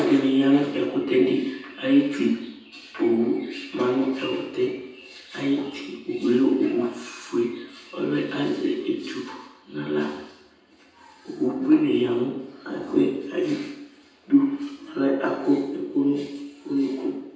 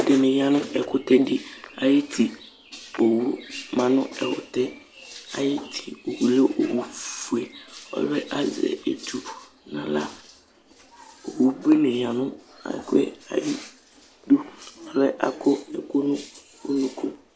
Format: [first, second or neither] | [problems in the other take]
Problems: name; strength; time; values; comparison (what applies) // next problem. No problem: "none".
second | room echo; dies away in 0.9 s